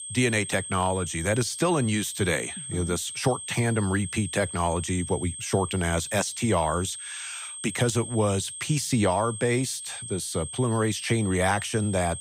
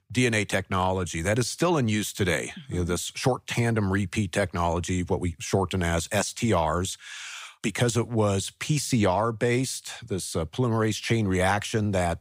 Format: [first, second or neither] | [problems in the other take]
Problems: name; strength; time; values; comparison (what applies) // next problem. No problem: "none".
second | high-pitched whine; loud; throughout; 8.5 kHz, 8 dB below the speech